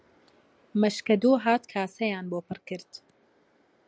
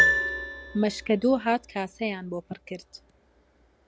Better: first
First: none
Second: background sound (Piano); 1 dB below the speech

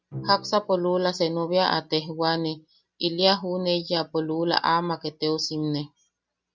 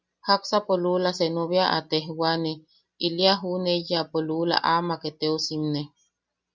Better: second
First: background sound (Bowed string instrument); 19 dB below the speech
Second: none

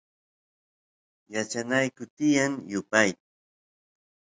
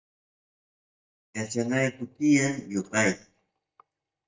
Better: first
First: none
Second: noise reduction (neural mask model DeepFilterNet 3)

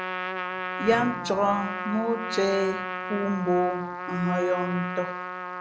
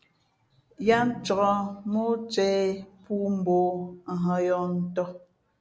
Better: second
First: background sound (Trumpet); 5 dB below the speech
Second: none

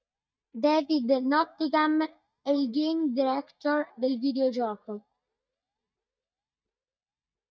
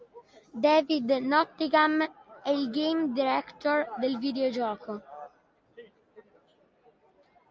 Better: second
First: noise reduction (neural mask model DeepFilterNet 3)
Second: none

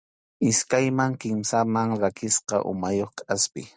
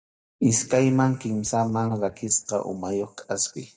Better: first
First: none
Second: noise reduction (neural mask model DeepFilterNet 3)

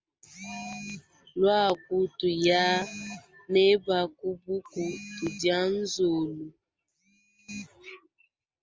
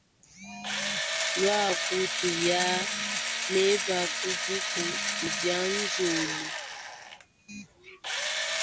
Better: first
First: none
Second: background sound (Engine / Drill); as loud as the speech

